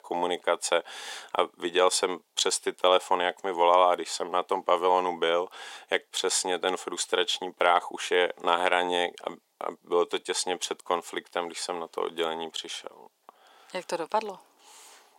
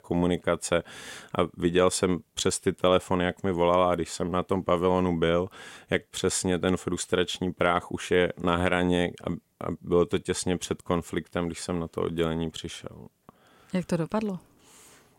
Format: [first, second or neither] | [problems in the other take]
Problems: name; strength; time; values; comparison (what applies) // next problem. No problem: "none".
second | thin; very; fading below 400 Hz